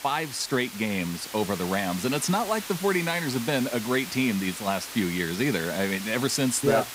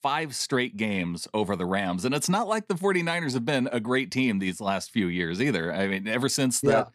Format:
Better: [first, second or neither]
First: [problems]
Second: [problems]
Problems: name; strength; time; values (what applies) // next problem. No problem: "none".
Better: second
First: hiss; loud; throughout; 9 dB below the speech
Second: none